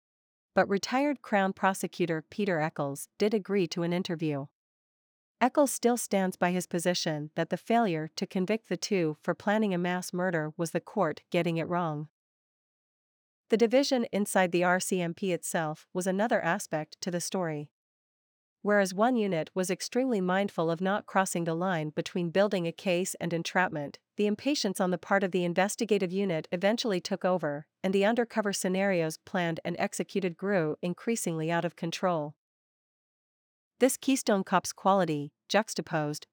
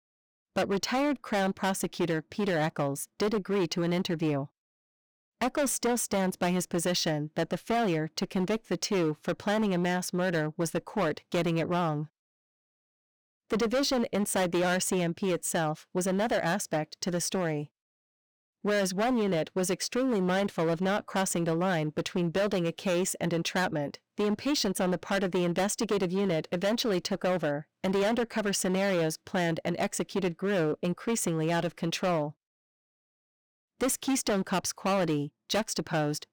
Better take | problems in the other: first | distortion; heavy; 15% of the sound clipped

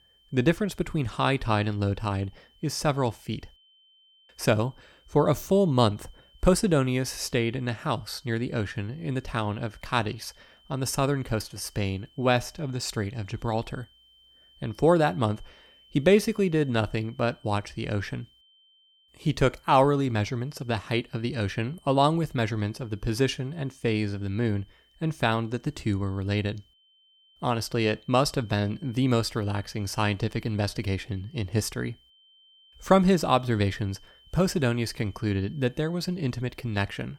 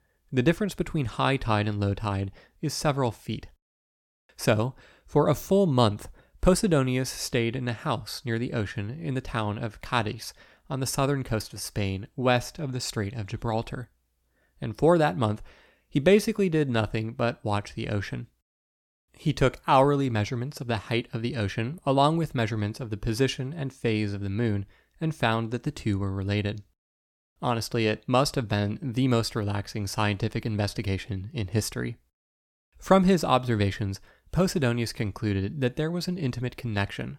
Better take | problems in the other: second | high-pitched whine; faint; throughout; 3 kHz, 30 dB below the speech

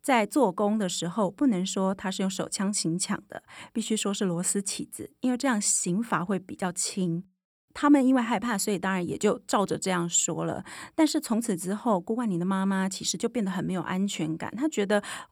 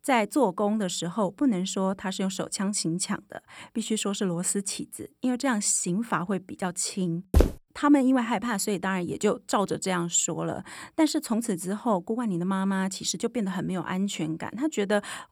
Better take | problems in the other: first | footsteps; loud; at 7.5 s; peak 3 dB above the speech

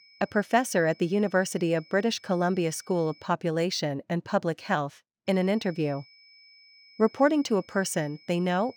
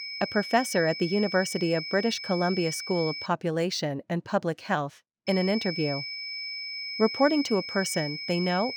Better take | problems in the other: first | high-pitched whine; loud; until 3.5 s and from 5.5 s on; 5 kHz, 6 dB below the speech; faint in the first

